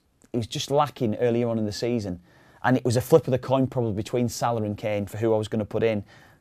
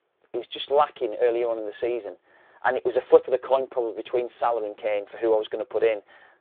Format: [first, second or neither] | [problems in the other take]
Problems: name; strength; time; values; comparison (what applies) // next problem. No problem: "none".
first | phone-call audio; nothing above 3.5 kHz